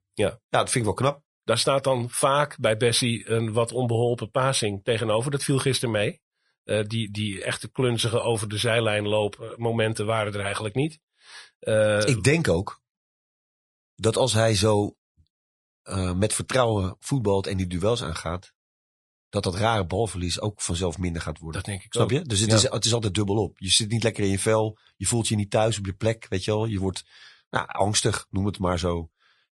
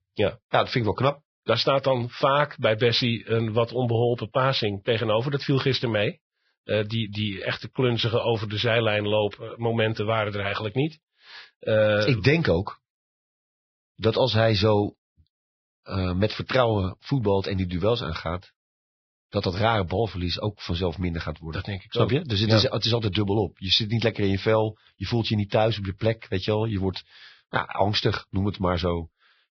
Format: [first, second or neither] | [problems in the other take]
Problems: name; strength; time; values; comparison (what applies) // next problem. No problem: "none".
first | garbled, watery; badly; nothing above 5.5 kHz; slightly in the first